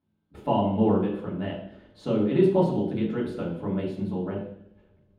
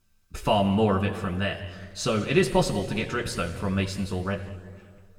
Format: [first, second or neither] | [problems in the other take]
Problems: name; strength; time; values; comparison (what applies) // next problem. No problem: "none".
second | room echo; strong; dies away in 0.9 s; slight in the second // off-mic speech; far; somewhat distant in the second